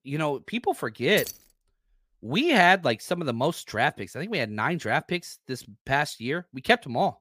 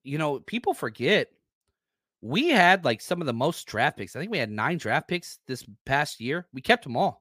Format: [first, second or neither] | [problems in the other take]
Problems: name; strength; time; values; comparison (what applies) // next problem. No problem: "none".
second | jangling keys; noticeable; at 1 s; peak 10 dB below the speech